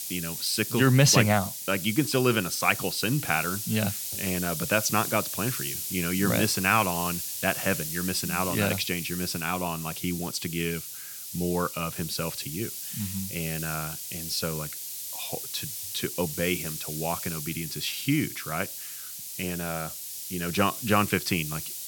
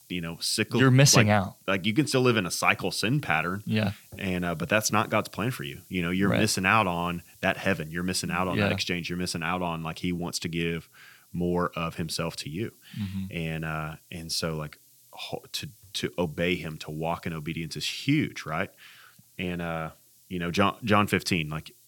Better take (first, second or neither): second